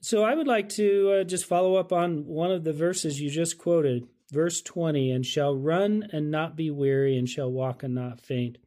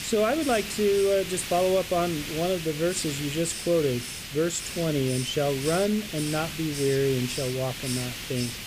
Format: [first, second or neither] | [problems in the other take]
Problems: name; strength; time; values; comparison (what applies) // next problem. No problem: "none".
first | hiss; loud; throughout; 7 dB below the speech